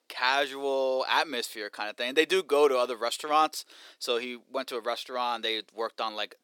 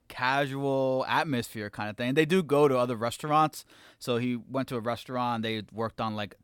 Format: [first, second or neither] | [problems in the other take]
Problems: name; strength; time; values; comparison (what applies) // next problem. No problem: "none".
second | thin; somewhat; fading below 350 Hz